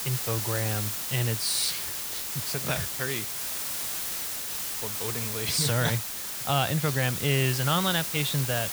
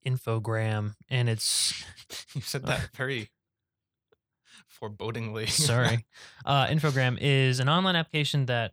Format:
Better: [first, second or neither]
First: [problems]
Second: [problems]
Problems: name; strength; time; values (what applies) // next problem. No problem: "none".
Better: second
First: hiss; loud; throughout; 2 dB below the speech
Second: none